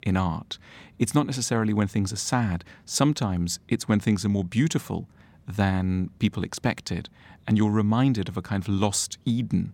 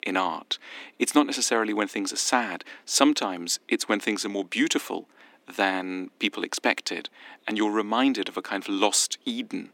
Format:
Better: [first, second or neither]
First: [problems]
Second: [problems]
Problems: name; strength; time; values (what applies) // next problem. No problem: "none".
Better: first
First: none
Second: thin; somewhat; fading below 300 Hz